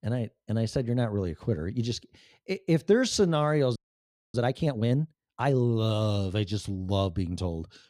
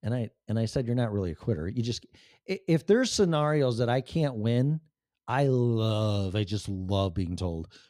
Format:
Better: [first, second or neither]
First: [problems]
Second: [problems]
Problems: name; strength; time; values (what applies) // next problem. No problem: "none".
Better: second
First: audio freezing; at 4 s for 0.5 s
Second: none